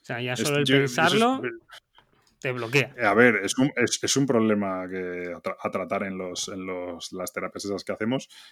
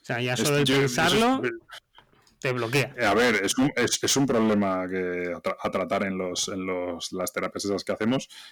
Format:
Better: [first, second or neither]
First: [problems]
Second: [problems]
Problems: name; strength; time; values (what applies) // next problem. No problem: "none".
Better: first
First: none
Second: distortion; heavy; 8% of the sound clipped